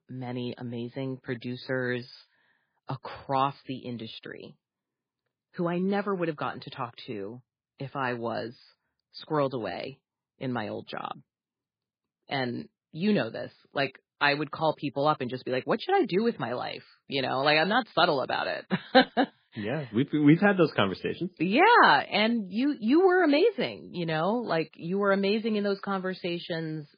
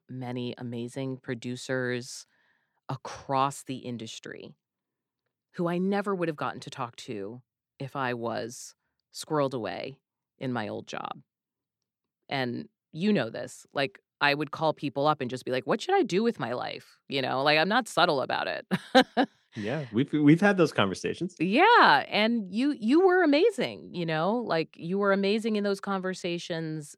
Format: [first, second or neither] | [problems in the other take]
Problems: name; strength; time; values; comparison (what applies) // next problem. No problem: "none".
second | garbled, watery; badly; nothing above 4.5 kHz